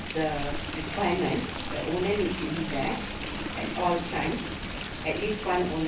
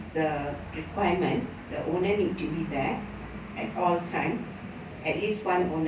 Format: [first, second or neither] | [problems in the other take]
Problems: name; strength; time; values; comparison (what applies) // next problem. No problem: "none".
second | background sound (Stream); 5 dB below the speech